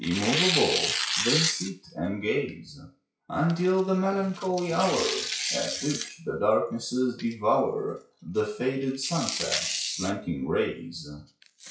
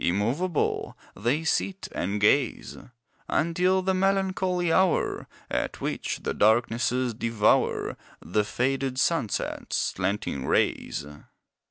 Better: second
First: noise reduction (classical method WPE with log-MMSE)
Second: none

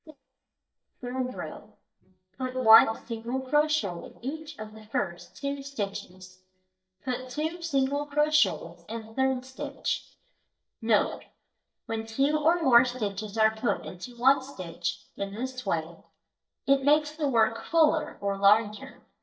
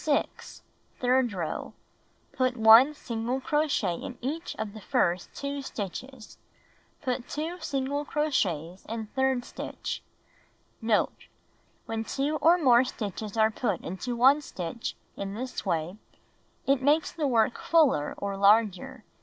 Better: second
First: noise reduction (neural mask model DeepFilterNet 3)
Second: none

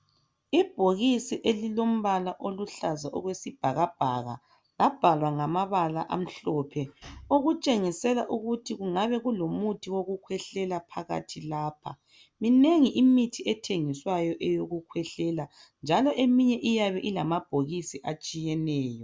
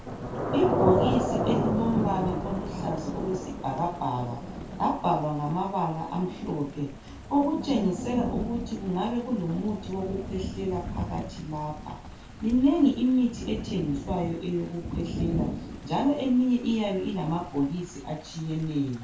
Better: first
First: none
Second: background sound (Thunder / Rain); 5 dB below the speech // room echo; dies away in 0.3 s

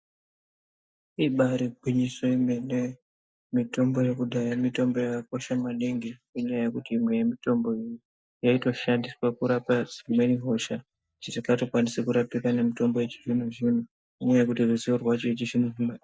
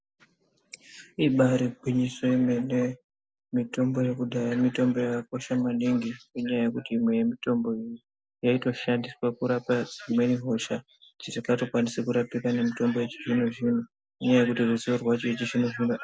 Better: second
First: noise reduction (neural mask model DeepFilterNet 3)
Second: none

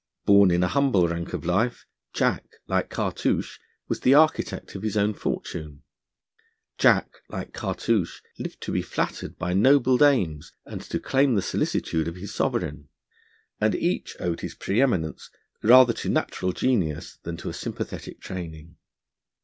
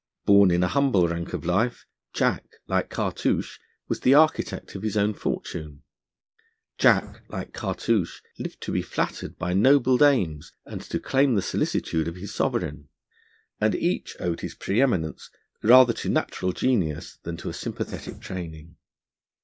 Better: first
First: none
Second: noise reduction (neural mask model Resemble Enhance denoiser)

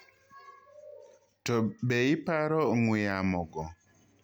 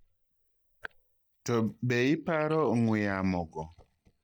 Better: first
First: none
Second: noise reduction (neural mask model DeepFilterNet 3)

